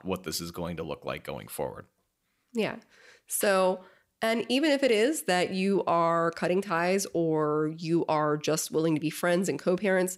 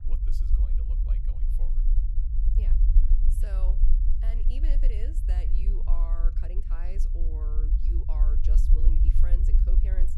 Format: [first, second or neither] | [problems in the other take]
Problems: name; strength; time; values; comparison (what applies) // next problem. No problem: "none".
first | low rumble; loud; throughout; 1 dB below the speech